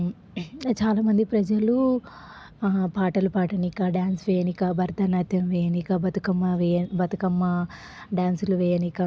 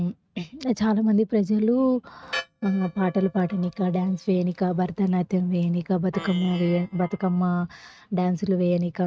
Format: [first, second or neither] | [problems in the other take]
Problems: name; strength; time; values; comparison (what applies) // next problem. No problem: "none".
first | noise reduction (neural mask model RNNoise)